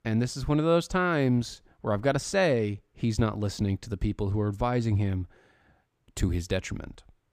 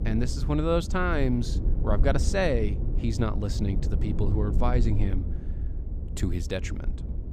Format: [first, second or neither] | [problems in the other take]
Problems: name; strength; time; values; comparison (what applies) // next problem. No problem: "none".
first | low rumble; noticeable; throughout; 10 dB below the speech